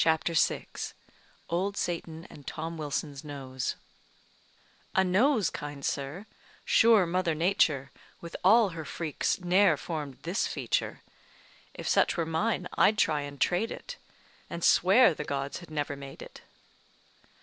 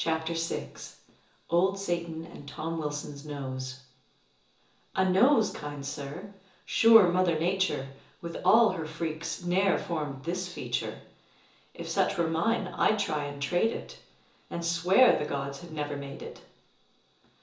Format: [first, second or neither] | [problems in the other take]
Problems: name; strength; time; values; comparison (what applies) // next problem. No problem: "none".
first | room echo; dies away in 0.7 s